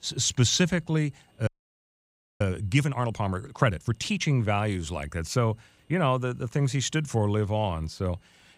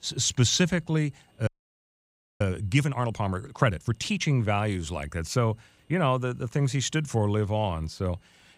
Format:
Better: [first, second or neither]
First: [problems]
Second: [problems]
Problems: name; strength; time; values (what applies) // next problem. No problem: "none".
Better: neither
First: audio freezing; at 1.5 s for 1 s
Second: audio freezing; at 1.5 s for 1 s